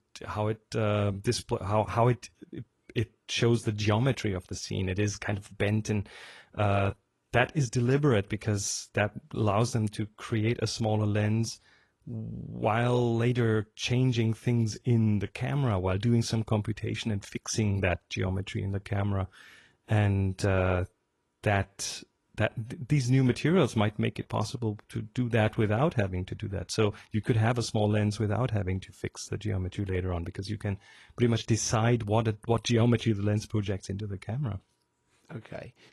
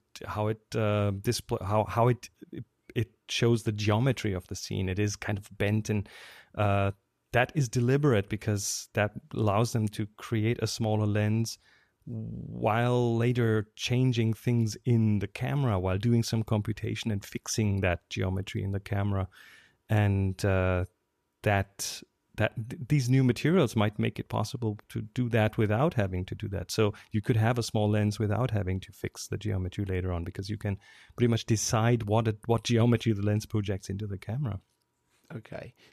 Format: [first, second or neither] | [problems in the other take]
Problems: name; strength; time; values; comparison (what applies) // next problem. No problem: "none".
second | garbled, watery; slightly; nothing above 11 kHz